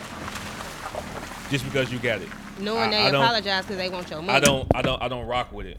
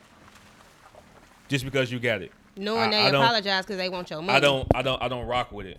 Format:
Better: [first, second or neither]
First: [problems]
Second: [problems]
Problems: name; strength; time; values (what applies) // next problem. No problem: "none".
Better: second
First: traffic noise; loud; throughout; 10 dB below the speech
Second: traffic noise; faint; throughout; 25 dB below the speech